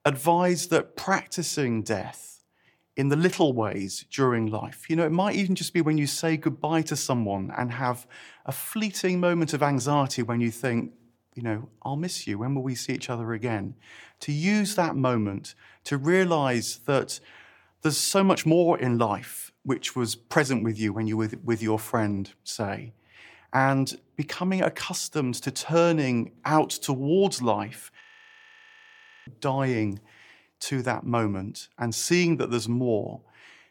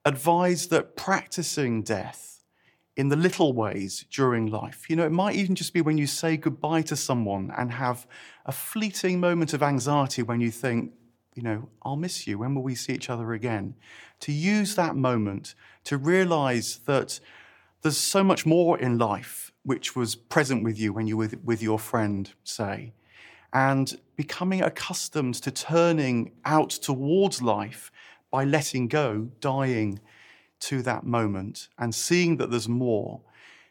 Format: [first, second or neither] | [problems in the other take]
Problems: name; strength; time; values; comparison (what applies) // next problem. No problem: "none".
second | audio freezing; at 28 s for 1.5 s